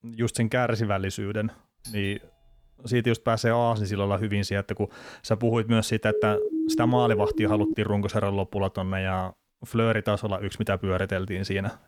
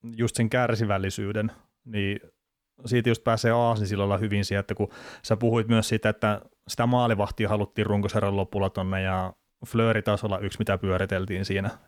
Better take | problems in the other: second | doorbell; faint; at 2 s; peak 15 dB below the speech // siren; loud; from 6 to 7.5 s; peak level with the speech

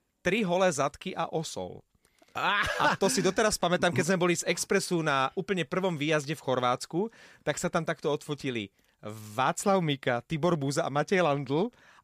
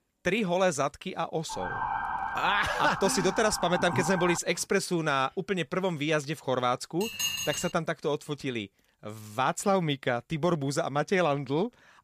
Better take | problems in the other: first | siren; noticeable; from 1.5 to 4.5 s; peak 3 dB below the speech // clattering dishes; noticeable; at 7 s; peak 1 dB below the speech

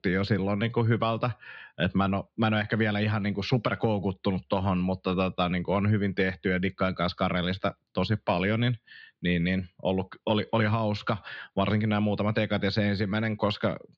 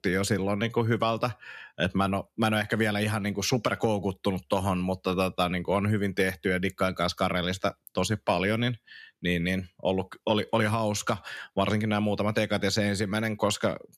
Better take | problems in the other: second | muffled; very slightly; fading above 4.5 kHz

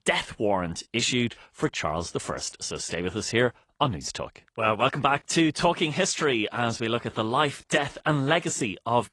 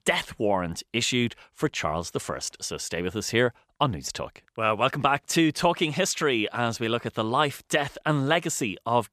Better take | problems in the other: second | garbled, watery; slightly

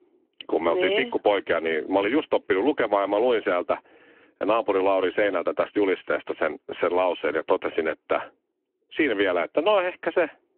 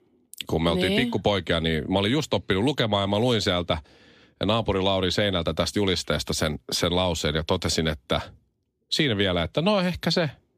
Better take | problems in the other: second | phone-call audio

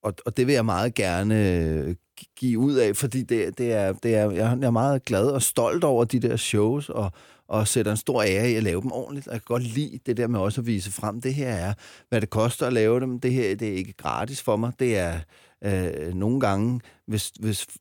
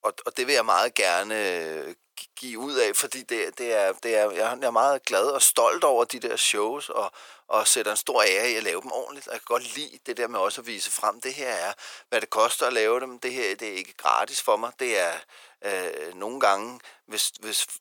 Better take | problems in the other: first | thin; very; fading below 550 Hz

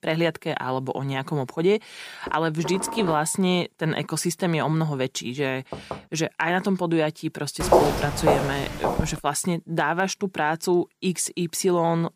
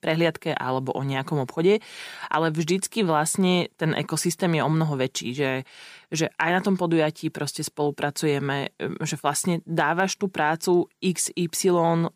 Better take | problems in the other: second | clattering dishes; noticeable; from 2.5 to 3.5 s; peak 6 dB below the speech // door banging; faint; at 5.5 s; peak 10 dB below the speech // footsteps; loud; from 7.5 to 9 s; peak 6 dB above the speech

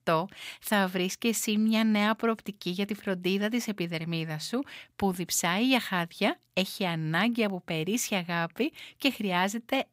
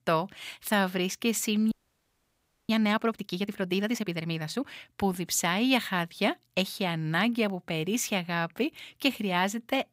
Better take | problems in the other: first | audio freezing; at 1.5 s for 1 s

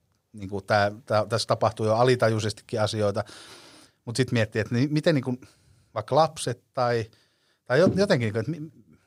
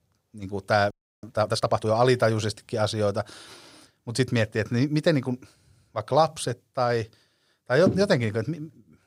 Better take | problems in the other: first | audio freezing; at 1 s

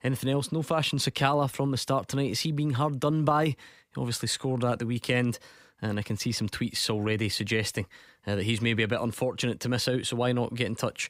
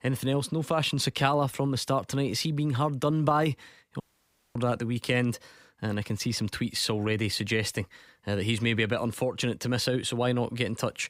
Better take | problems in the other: first | audio cutting out; at 4 s for 0.5 s

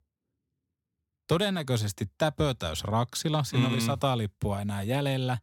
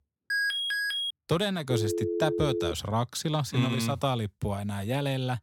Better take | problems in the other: first | alarm; loud; at 0.5 s; peak 3 dB above the speech // phone ringing; noticeable; from 1.5 to 2.5 s; peak 1 dB below the speech

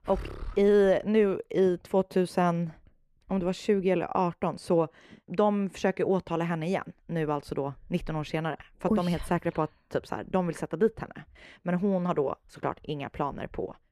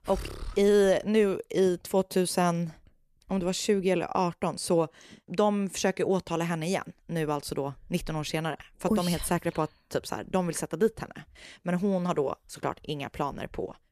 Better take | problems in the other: second | muffled; slightly; fading above 3.5 kHz

